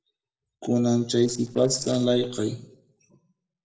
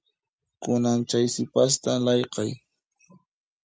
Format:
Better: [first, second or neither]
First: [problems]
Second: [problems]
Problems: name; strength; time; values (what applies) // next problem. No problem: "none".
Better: second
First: noise reduction (neural separator model SepFormer DNS4)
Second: none